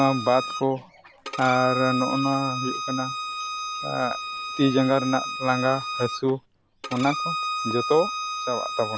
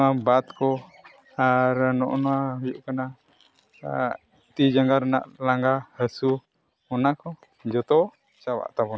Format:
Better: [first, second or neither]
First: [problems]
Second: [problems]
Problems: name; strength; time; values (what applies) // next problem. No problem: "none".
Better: second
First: background sound (Bowed string instrument); 5 dB below the speech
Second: none